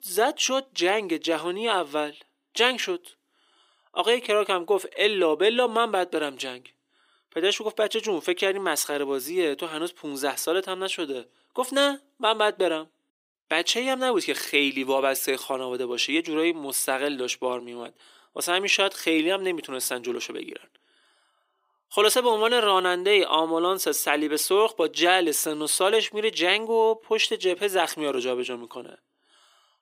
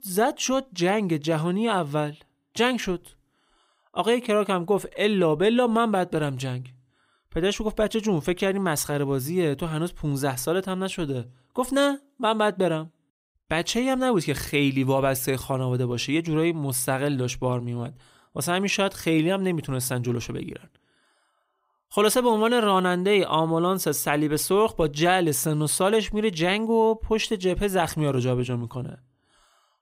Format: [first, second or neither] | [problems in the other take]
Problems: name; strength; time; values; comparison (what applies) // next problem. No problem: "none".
second | thin; somewhat; fading below 350 Hz